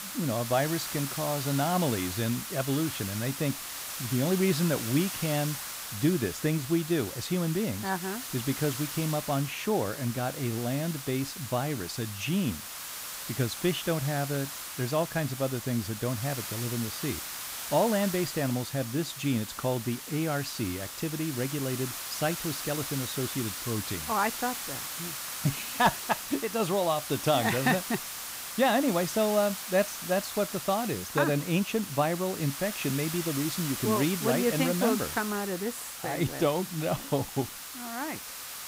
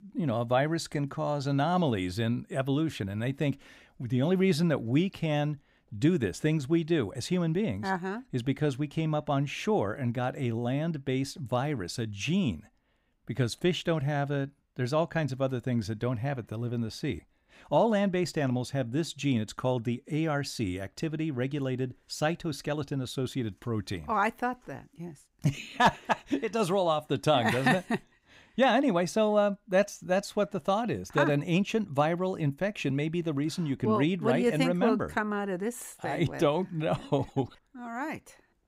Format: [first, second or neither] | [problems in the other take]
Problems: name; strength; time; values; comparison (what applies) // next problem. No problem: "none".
second | hiss; loud; throughout; 6 dB below the speech